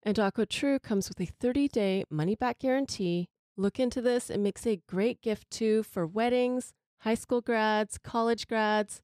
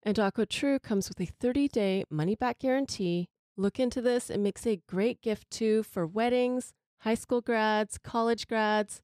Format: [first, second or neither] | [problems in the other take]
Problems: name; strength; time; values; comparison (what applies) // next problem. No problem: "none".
neither | none